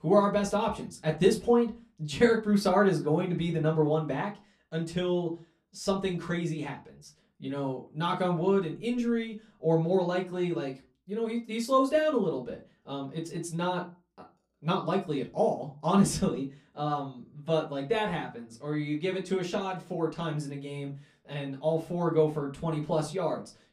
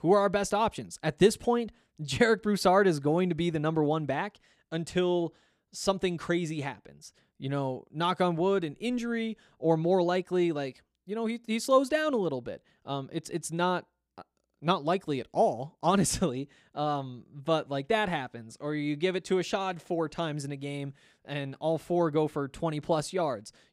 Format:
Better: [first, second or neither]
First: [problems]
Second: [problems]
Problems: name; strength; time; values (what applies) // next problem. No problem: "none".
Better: second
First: off-mic speech; far // room echo; very slight; dies away in 0.2 s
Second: none